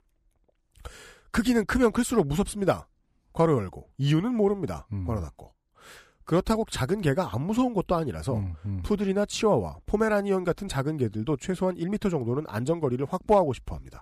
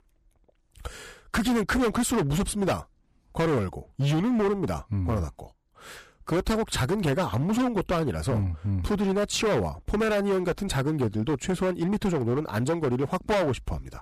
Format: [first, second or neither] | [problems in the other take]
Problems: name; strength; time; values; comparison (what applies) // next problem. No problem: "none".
first | distortion; heavy; 16% of the sound clipped